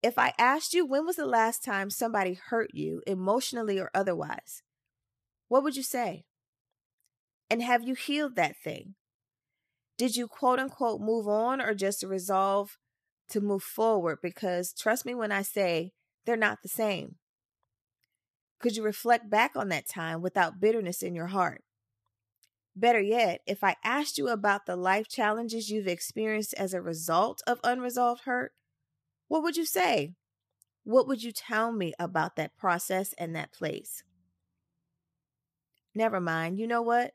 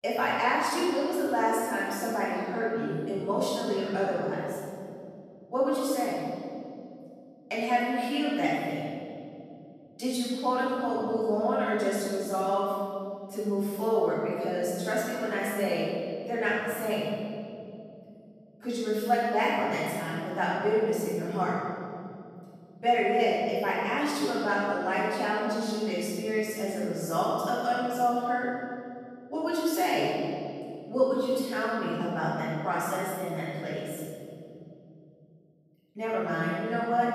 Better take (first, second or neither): first